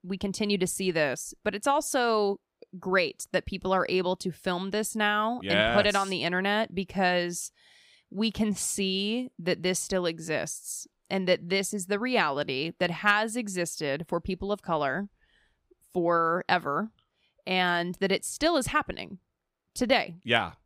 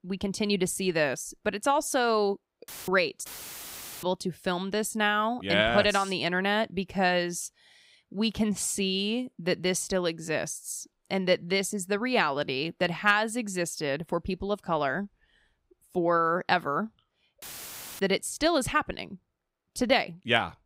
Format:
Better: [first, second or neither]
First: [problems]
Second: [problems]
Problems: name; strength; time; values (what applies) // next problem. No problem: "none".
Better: first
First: none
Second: audio cutting out; filled with static; at 2.5 s, at 3.5 s for 1 s and at 17 s for 0.5 s